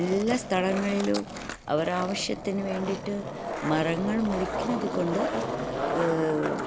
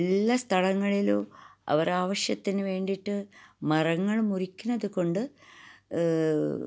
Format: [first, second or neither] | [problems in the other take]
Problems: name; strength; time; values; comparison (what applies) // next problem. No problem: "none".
second | background sound (Skateboard); 4 dB below the speech